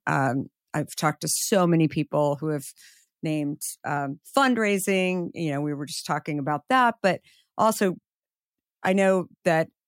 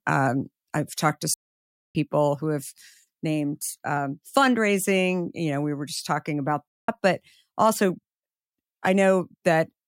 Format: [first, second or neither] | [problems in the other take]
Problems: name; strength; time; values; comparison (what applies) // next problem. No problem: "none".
first | audio cutting out; at 1.5 s for 0.5 s and at 6.5 s